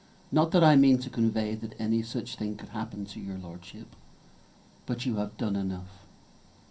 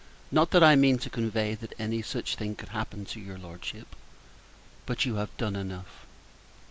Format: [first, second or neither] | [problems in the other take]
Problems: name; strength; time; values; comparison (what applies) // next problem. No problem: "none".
second | room echo; dies away in 0.3 s